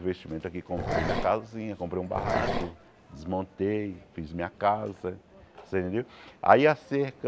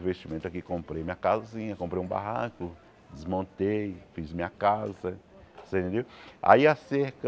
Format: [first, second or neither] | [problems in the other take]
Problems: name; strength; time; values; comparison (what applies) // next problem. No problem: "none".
second | background sound (Growling); 3 dB below the speech